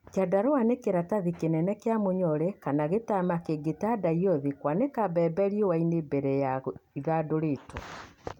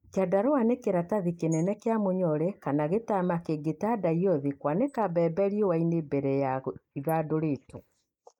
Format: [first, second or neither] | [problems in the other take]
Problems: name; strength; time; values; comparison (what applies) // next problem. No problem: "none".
first | noise reduction (neural mask model Resemble Enhance denoiser)